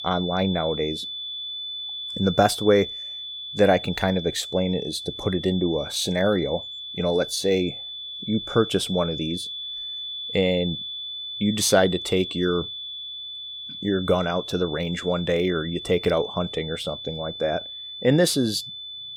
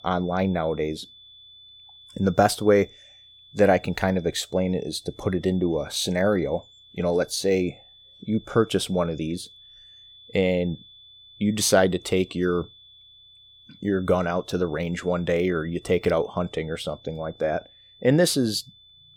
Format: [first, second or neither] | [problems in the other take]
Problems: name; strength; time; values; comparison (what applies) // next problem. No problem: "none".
second | high-pitched whine; loud; throughout; 3.5 kHz, 8 dB below the speech; faint in the second